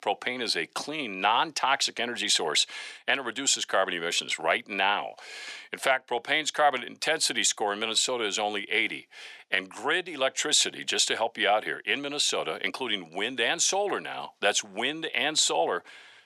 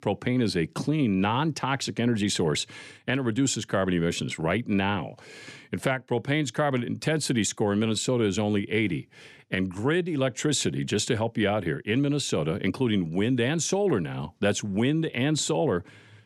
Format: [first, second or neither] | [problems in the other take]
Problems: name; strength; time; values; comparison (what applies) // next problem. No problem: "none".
second | thin; very; fading below 700 Hz